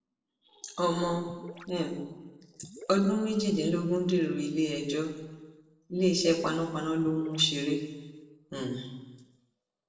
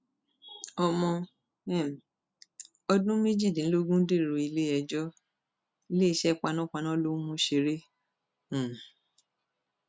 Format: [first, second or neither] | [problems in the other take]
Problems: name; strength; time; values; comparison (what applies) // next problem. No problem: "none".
second | noise reduction (neural separator model SepFormer DNS4)